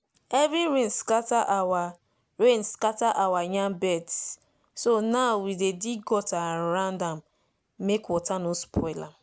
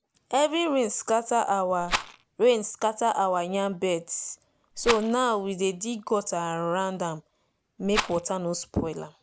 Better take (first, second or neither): first